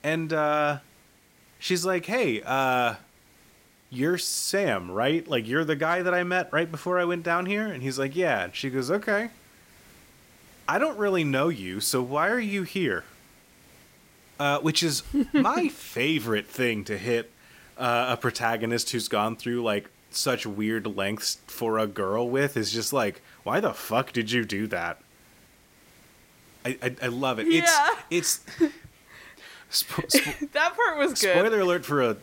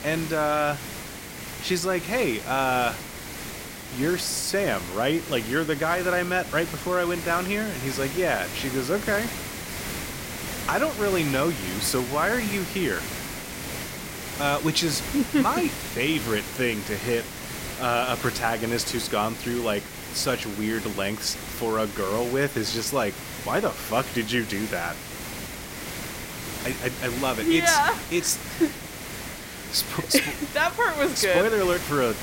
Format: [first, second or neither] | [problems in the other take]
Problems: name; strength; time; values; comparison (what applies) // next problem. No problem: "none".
first | hiss; loud; throughout; 8 dB below the speech; faint in the first